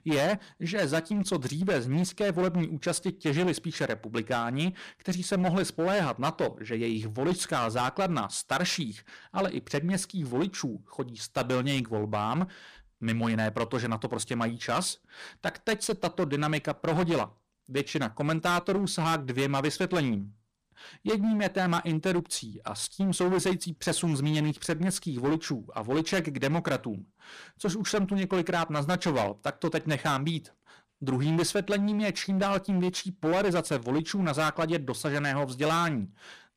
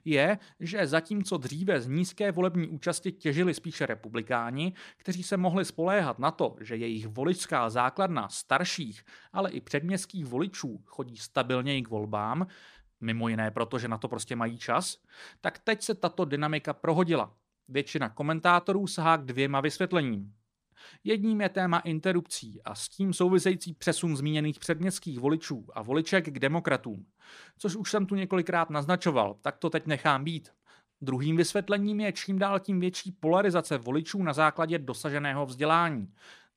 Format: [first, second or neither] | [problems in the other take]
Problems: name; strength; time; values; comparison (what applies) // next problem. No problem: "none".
second | distortion; heavy; 13% of the sound clipped